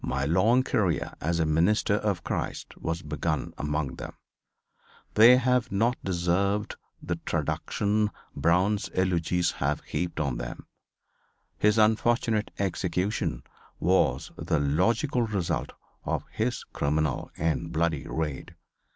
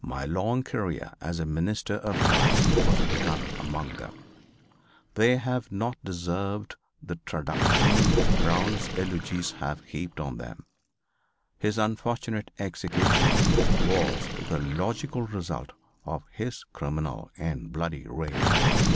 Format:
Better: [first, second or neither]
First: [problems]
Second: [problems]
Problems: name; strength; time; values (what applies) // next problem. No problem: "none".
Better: first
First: none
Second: background sound (Gurgling); 3 dB above the speech